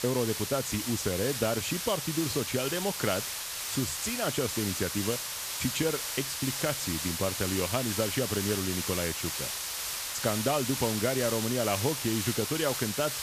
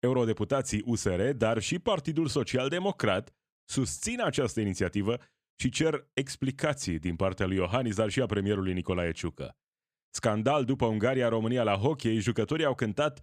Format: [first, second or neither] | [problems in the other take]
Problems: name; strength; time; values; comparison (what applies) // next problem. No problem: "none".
second | hiss; loud; throughout; 1 dB below the speech